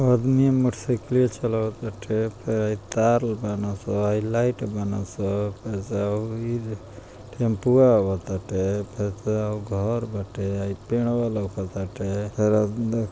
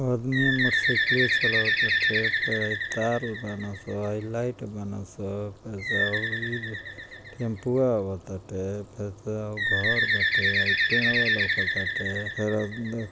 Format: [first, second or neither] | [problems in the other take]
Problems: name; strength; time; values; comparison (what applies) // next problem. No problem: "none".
first | background sound (Bird); 2 dB above the speech